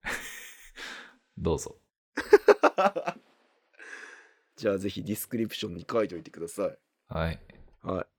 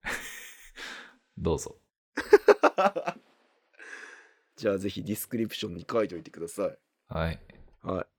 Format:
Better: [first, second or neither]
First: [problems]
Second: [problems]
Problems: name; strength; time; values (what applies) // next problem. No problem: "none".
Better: neither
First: none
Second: none